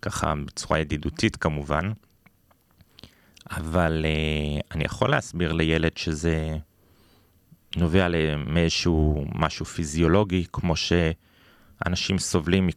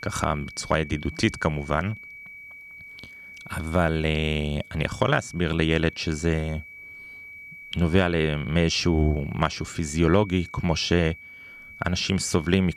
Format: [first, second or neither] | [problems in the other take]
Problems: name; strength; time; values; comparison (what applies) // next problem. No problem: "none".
first | high-pitched whine; noticeable; throughout; 2.5 kHz, 15 dB below the speech